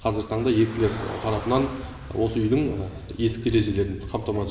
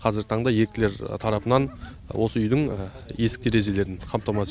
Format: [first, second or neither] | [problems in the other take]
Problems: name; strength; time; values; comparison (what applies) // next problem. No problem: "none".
second | background sound (Car); 18 dB below the speech // room echo; dies away in 1 s